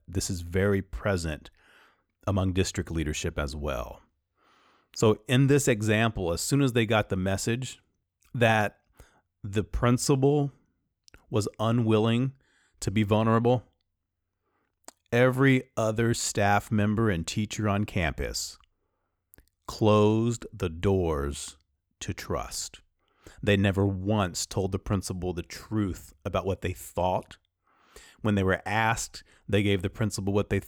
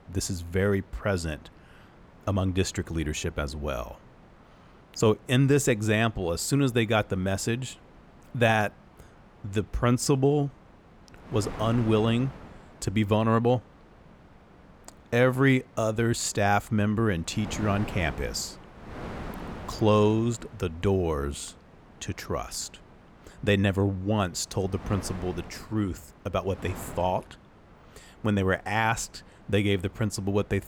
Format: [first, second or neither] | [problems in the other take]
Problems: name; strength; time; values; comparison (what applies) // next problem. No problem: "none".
first | wind noise on the microphone; occasional gusts; 20 dB below the speech